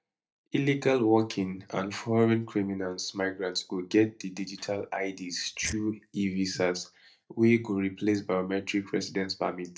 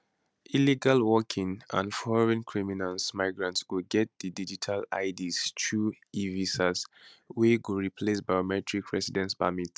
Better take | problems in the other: second | noise reduction (neural mask model DeepFilterNet 3)

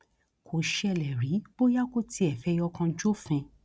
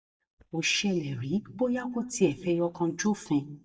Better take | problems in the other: first | noise reduction (neural mask model DeepFilterNet 3)

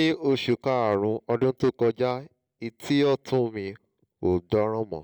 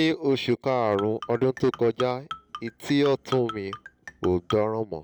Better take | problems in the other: first | background sound (Marimba, xylophone); 14 dB below the speech

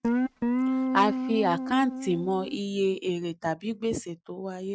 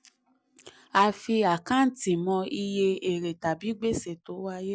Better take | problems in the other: second | noise reduction (neural mask model RNNoise)

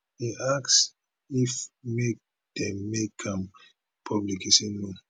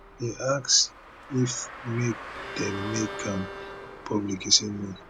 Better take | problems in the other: first | background sound (Bowed string instrument + Car); 12 dB below the speech

